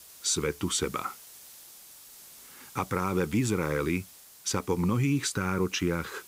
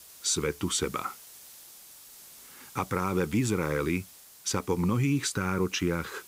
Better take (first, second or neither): neither